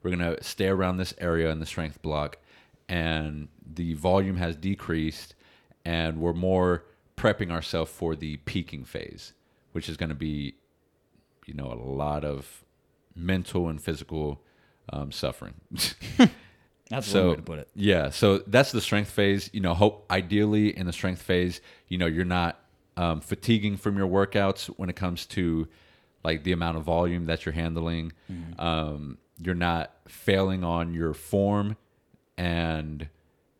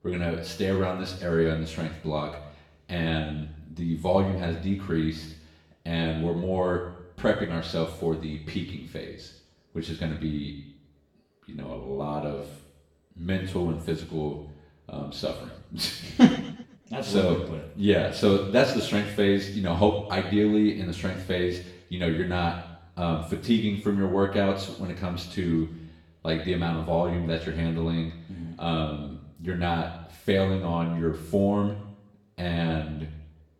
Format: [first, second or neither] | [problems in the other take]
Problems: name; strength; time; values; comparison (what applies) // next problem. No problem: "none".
first | room echo; noticeable; dies away in 0.8 s // off-mic speech; far